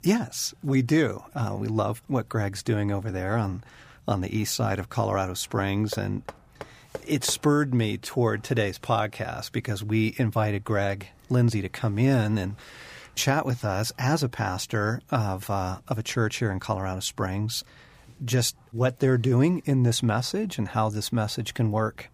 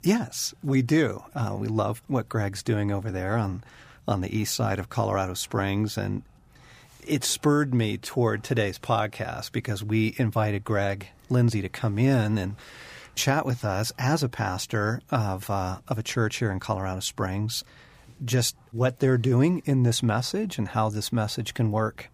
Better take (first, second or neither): second